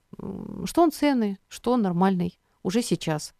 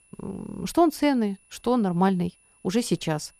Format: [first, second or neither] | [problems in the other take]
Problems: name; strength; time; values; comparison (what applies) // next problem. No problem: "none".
first | high-pitched whine; faint; throughout; 10 kHz, 35 dB below the speech